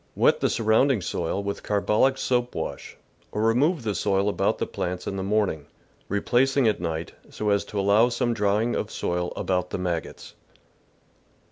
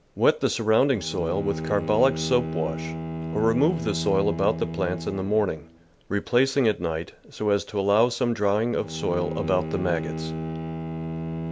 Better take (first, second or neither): first